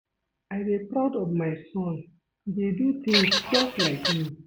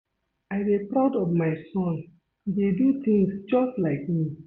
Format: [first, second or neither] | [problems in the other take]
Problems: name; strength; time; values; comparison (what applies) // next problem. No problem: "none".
second | background sound (Bird vocalization, bird call, bird song / Fowl); 2 dB above the speech